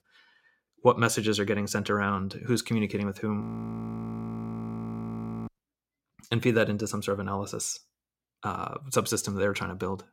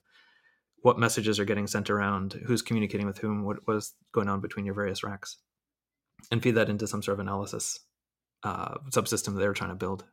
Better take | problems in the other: second | audio freezing; at 3.5 s for 2 s

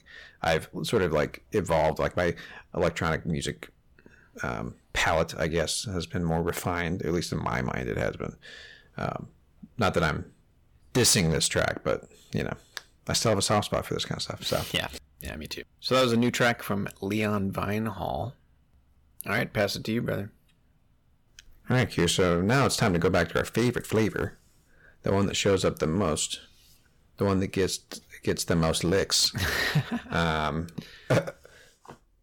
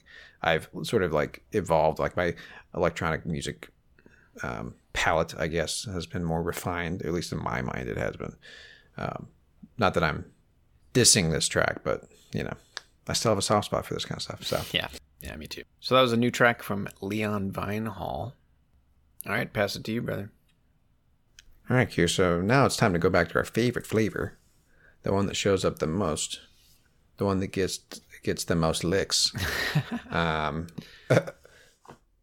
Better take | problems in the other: second | distortion; slight; 3% of the sound clipped

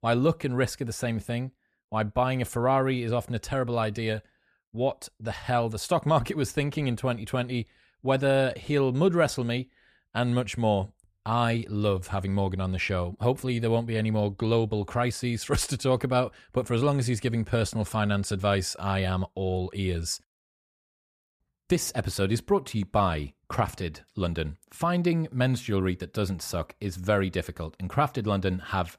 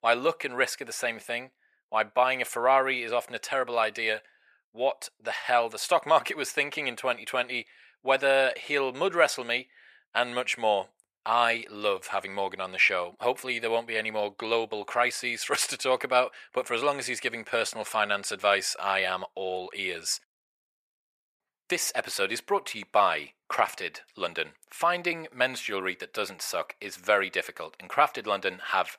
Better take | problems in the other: first | thin; very; fading below 650 Hz

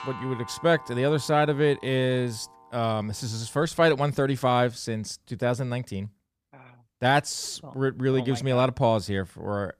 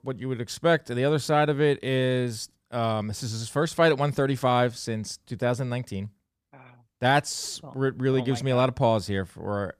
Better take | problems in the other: second | household noises; noticeable; until 4 s; 20 dB below the speech

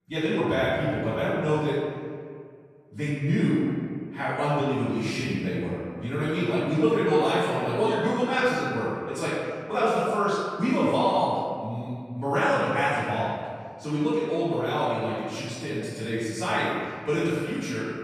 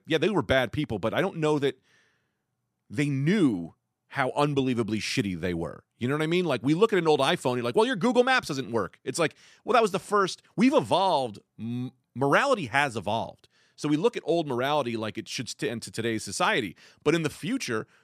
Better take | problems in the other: second | room echo; strong; dies away in 1.9 s // off-mic speech; far

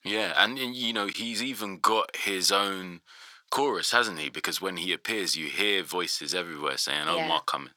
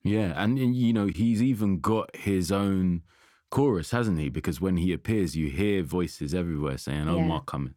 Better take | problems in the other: second | thin; very; fading below 750 Hz

